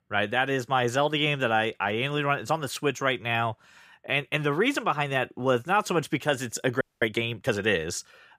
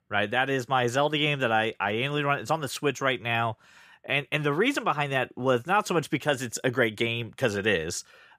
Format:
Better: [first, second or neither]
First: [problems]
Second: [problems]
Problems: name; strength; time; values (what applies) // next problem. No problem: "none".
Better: second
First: audio freezing; at 7 s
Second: none